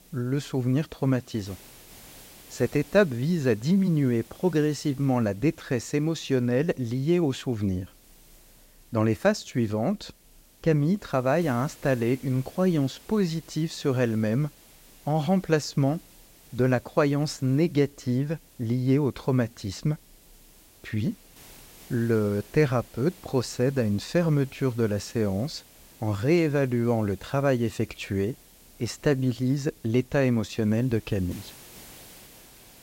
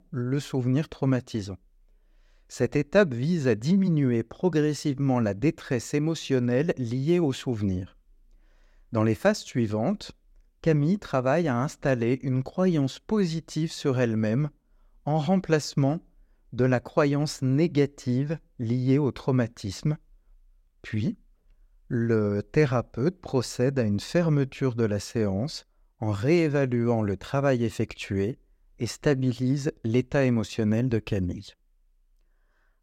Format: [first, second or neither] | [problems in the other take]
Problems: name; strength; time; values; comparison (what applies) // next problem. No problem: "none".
second | hiss; faint; throughout; 25 dB below the speech